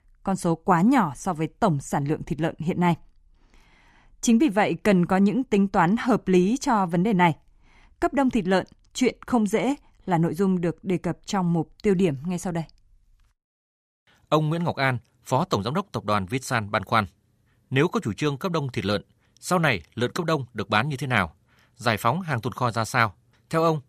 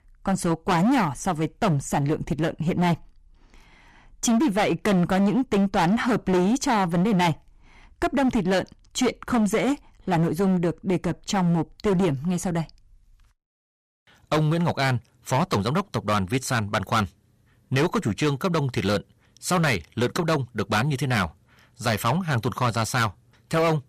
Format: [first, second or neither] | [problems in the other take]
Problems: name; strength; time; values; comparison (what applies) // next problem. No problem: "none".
first | distortion; heavy; 13% of the sound clipped